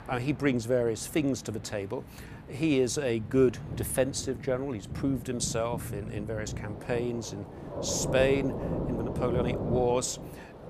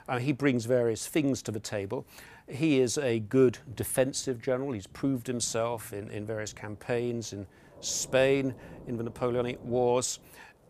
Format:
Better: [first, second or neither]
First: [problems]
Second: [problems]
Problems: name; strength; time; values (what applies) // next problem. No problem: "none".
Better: second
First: rain or running water; loud; throughout; 7 dB below the speech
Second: rain or running water; faint; throughout; 25 dB below the speech